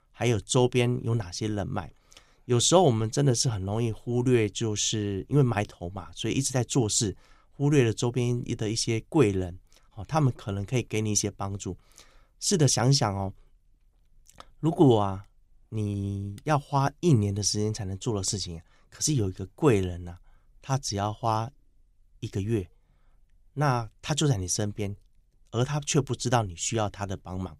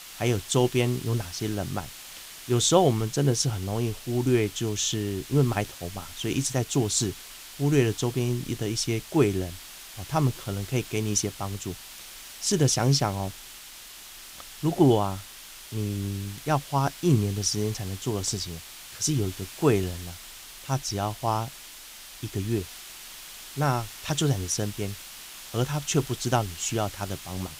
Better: first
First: none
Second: hiss; noticeable; throughout; 15 dB below the speech

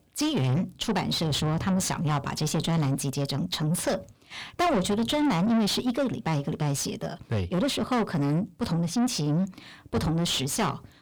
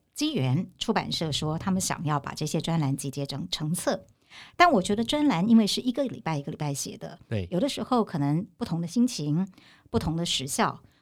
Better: second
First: distortion; heavy; 6 dB below the speech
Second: none

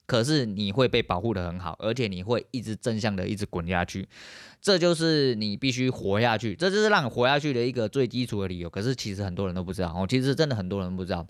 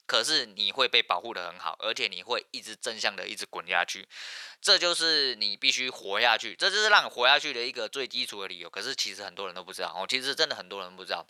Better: first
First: none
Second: thin; very; fading below 900 Hz

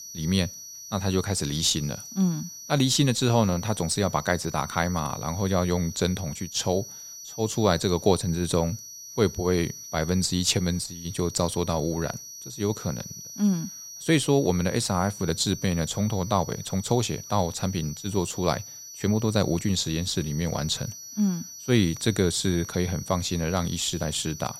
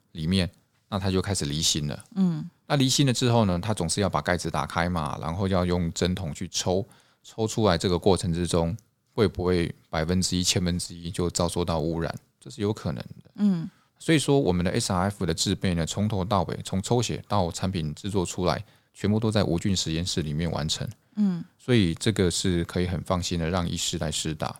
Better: second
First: high-pitched whine; noticeable; throughout; 6 kHz, 10 dB below the speech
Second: none

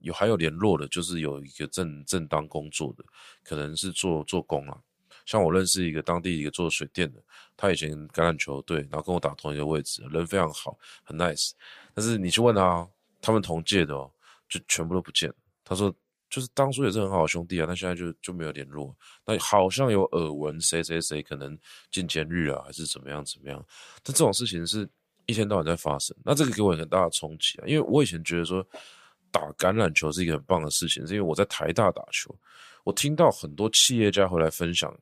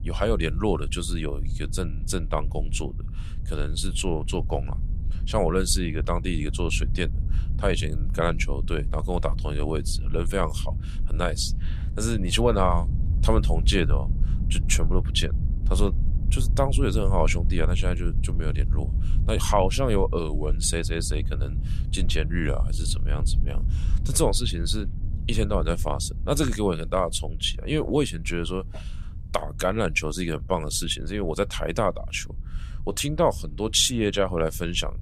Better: first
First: none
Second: low rumble; noticeable; throughout; 20 dB below the speech

